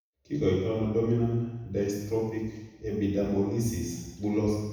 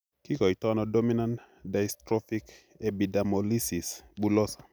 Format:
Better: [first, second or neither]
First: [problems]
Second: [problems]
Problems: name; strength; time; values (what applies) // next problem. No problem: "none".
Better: second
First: room echo; dies away in 1 s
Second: none